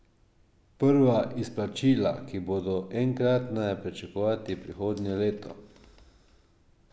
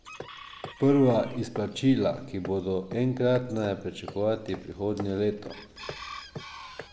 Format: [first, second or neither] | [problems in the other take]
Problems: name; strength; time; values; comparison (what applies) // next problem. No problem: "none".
first | background sound (Hammer + Chicken, rooster); 16 dB below the speech